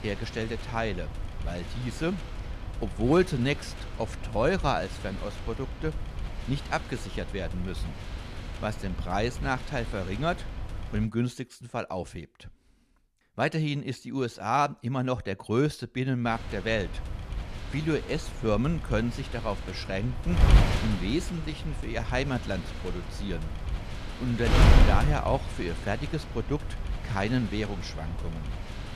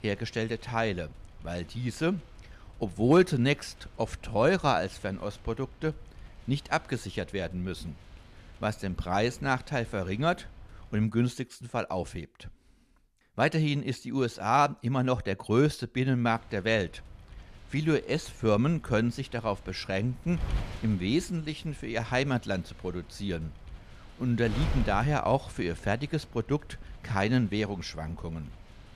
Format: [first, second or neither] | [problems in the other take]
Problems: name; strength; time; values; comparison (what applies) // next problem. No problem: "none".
second | wind noise on the microphone; heavy; until 11 s and from 16 s on; 7 dB below the speech; occasional gusts in the second